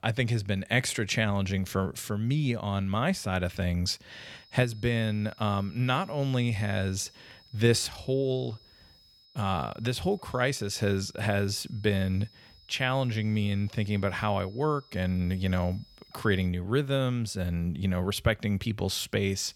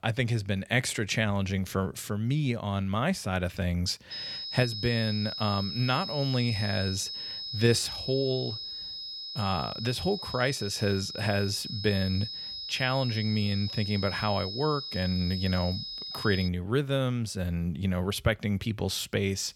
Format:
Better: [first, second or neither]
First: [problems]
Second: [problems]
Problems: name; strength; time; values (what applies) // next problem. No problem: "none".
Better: first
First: high-pitched whine; faint; from 4 to 16 s; 5 kHz, 25 dB below the speech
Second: high-pitched whine; loud; from 4 to 16 s; 5 kHz, 6 dB below the speech